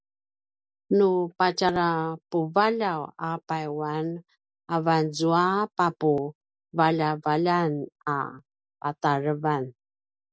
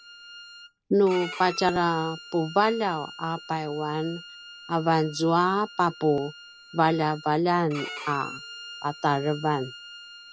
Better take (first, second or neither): first